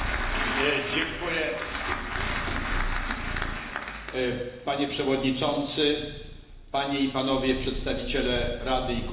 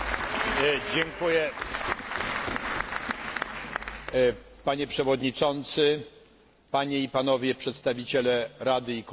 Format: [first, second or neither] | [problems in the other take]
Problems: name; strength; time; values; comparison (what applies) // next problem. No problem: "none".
second | background sound (Purr); 8 dB below the speech // room echo; dies away in 1 s